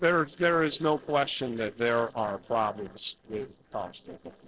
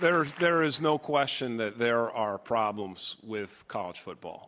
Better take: second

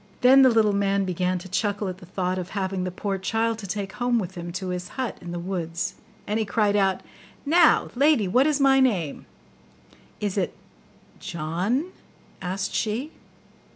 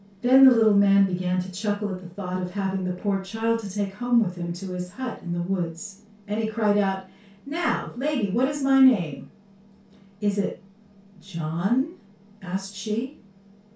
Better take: first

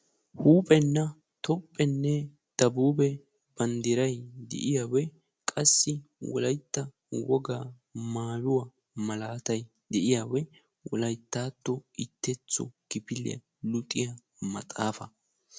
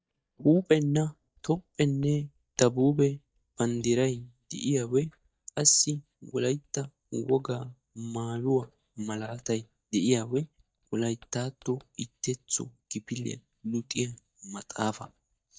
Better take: first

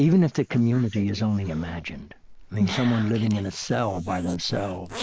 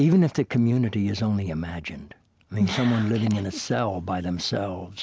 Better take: second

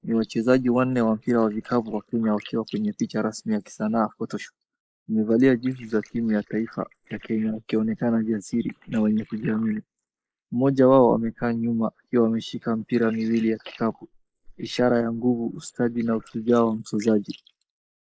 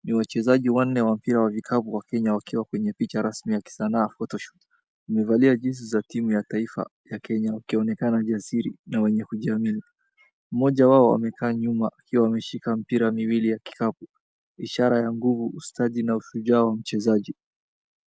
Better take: second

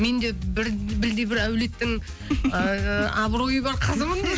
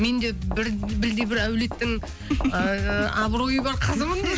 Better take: first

